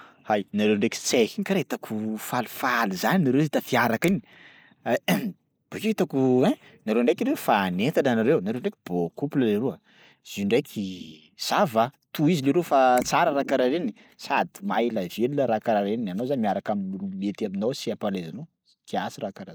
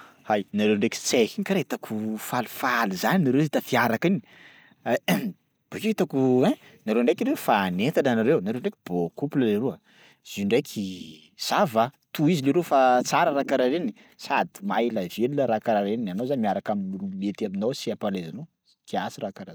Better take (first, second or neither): second